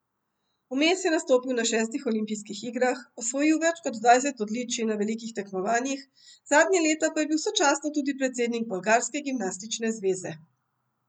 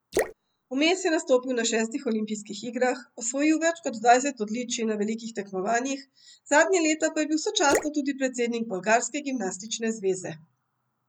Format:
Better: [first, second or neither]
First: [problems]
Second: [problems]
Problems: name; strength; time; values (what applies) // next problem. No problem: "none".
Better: first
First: none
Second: background sound (Drip / Splash, splatter); 9 dB below the speech